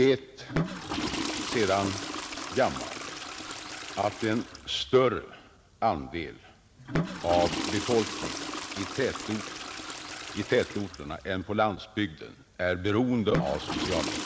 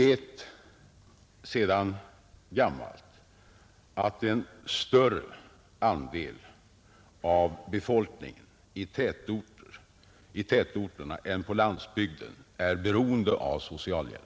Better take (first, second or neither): second